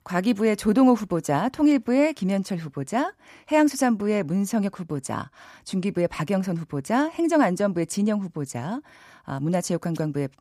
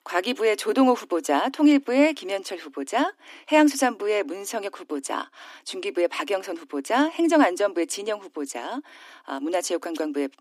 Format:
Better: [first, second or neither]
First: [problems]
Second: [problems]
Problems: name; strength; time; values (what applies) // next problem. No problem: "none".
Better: first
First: none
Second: thin; very slightly; fading below 250 Hz